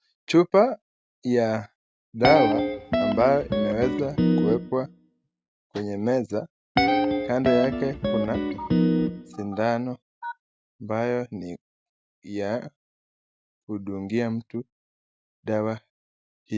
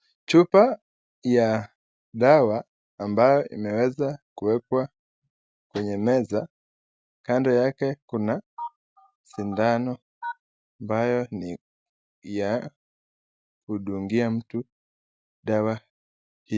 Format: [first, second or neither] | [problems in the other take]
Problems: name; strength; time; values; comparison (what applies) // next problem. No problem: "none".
second | background sound (Guitar); 1 dB above the speech